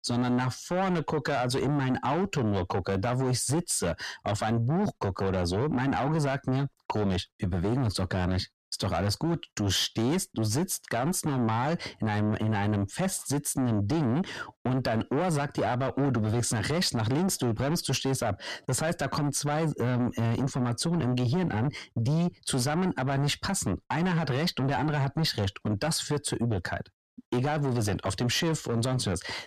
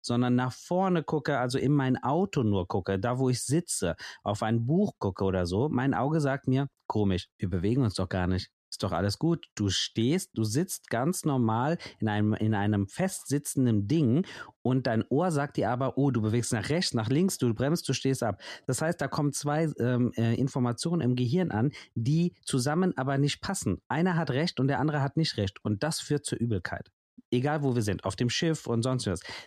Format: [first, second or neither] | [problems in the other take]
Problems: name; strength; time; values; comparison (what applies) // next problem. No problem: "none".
second | distortion; heavy; 7 dB below the speech